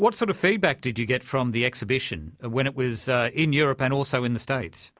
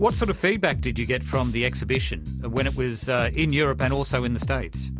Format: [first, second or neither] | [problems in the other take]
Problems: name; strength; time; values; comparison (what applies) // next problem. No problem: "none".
first | background sound (Bass guitar); 5 dB below the speech